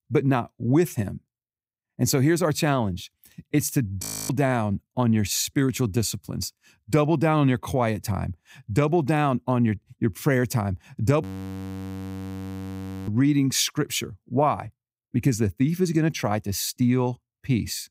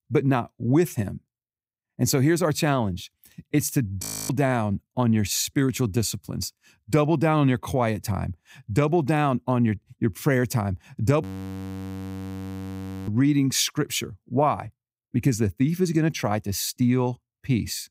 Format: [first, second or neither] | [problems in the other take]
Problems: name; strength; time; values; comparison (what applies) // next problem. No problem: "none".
neither | audio freezing; at 4 s and at 11 s for 2 s; the same in both